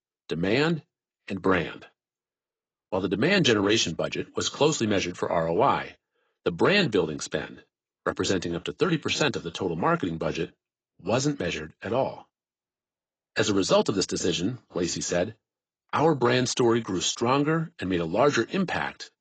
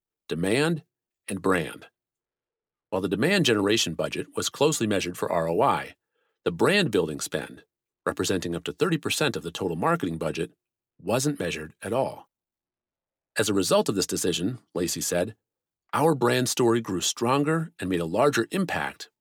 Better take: second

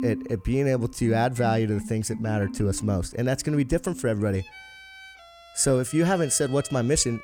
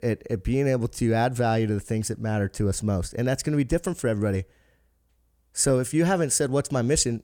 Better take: second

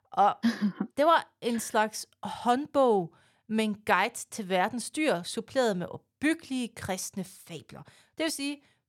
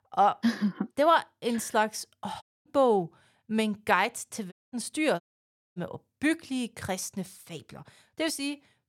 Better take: first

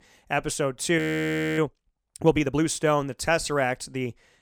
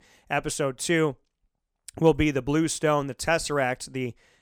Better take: second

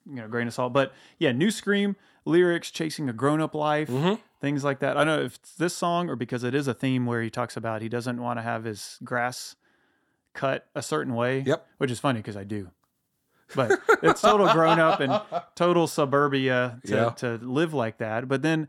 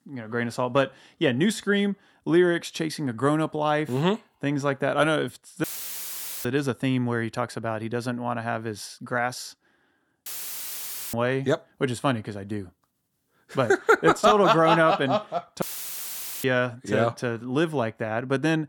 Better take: first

